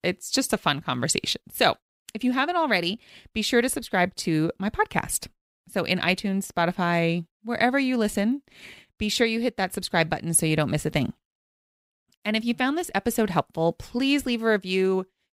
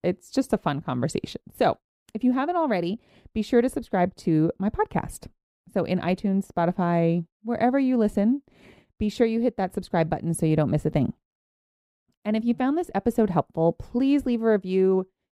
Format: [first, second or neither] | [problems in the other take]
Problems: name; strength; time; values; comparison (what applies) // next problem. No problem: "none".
first | muffled; slightly; fading above 1.5 kHz